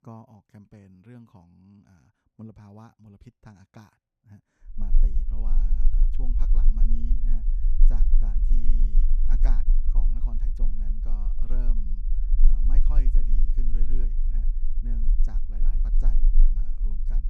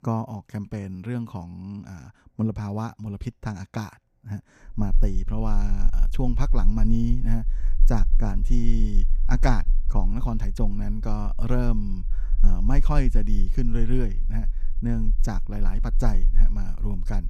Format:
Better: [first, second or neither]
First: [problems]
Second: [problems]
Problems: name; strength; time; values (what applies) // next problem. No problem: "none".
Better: second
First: low rumble; loud; from 5 s on; 3 dB below the speech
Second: low rumble; faint; from 5 s on; 20 dB below the speech